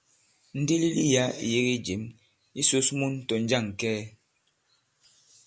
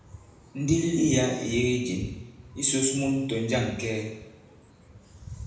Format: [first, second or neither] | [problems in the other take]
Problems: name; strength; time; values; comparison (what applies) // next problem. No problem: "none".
first | background sound (Dog); 15 dB below the speech // room echo; dies away in 0.9 s